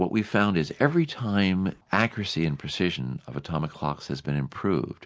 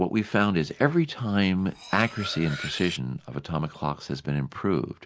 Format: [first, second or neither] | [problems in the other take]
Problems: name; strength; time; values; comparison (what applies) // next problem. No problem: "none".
first | background sound (Cutlery, silverware); 14 dB below the speech